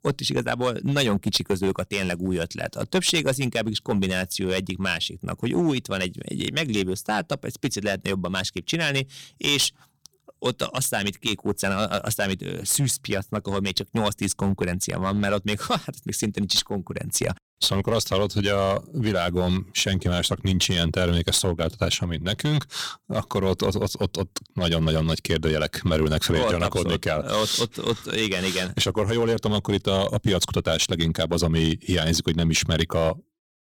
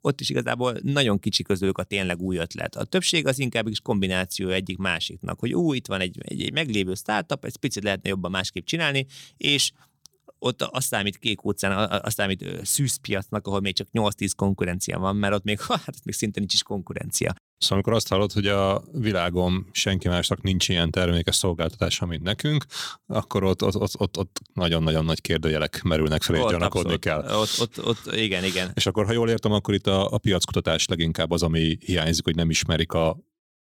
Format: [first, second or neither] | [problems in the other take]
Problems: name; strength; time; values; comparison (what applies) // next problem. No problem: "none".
second | distortion; slight; 3% of the sound clipped